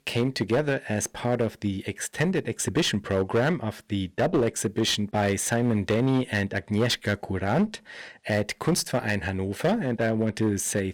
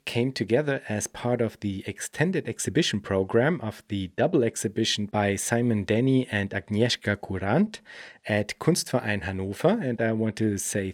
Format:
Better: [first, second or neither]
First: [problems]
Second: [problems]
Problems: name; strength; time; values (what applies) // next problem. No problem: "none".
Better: second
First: distortion; slight; 9% of the sound clipped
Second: none